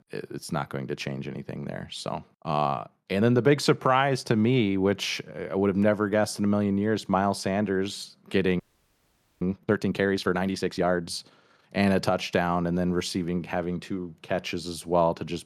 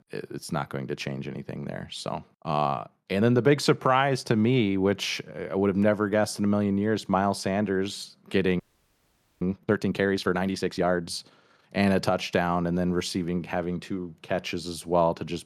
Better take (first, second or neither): neither